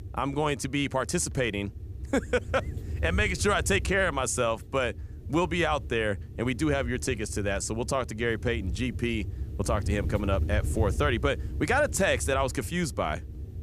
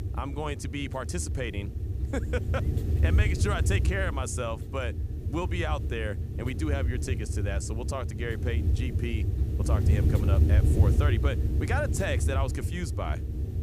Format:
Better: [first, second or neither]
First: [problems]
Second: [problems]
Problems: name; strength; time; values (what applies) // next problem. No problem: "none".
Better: first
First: wind noise on the microphone; occasional gusts; 20 dB below the speech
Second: wind noise on the microphone; heavy; 7 dB below the speech